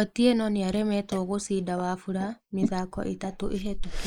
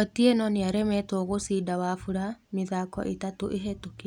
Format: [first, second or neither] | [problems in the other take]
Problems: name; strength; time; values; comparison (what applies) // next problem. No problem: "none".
second | noise reduction (neural mask model Resemble Enhance denoiser)